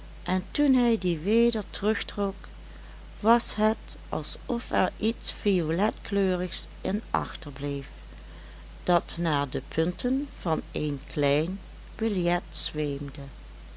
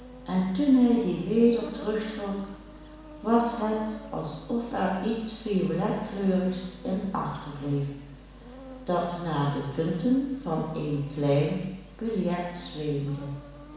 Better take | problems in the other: first | background sound (Insect); 19 dB below the speech // room echo; dies away in 1.1 s

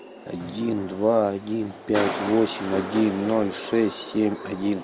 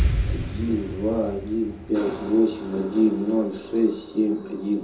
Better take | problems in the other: first | background sound (Explosion); 6 dB below the speech // room echo; dies away in 0.5 s

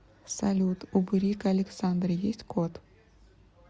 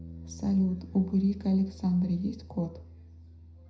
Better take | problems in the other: first | background sound (Bass guitar); 16 dB below the speech // room echo; dies away in 0.5 s

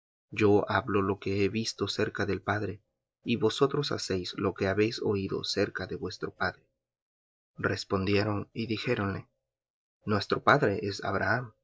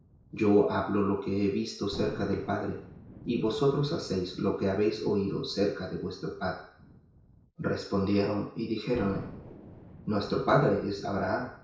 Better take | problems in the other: first | background sound (Thunder); 18 dB below the speech // room echo; dies away in 0.6 s

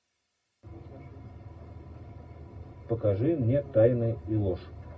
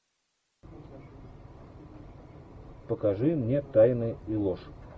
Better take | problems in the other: second | room echo; dies away in 0.2 s

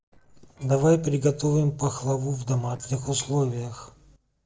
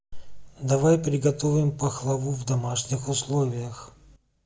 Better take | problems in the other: second | noise reduction (neural separator model SepFormer DNS4)

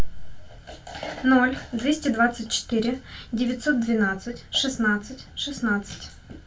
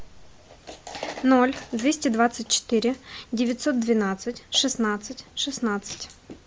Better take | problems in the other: second | room echo; dies away in 0.2 s

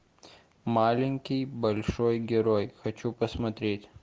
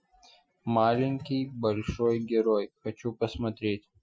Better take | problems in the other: first | noise reduction (classical method Wiener filter)

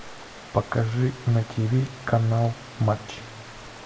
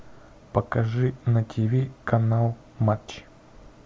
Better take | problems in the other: second | background sound (Water); 18 dB below the speech // room echo; dies away in 1.1 s

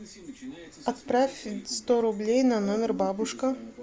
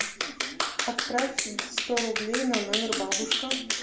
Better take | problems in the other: first | background sound (Clapping); 1 dB above the speech // room echo; dies away in 0.4 s

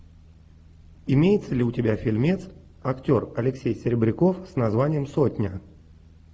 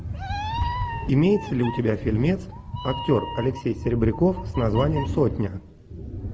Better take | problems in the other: first | background sound (Meow); 6 dB below the speech

